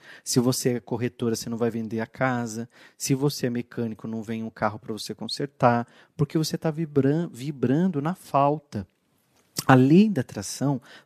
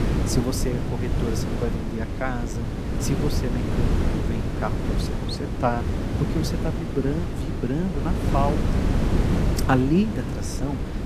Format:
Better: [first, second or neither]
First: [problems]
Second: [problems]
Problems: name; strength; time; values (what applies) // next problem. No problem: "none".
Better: first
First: none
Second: wind noise on the microphone; heavy; 2 dB below the speech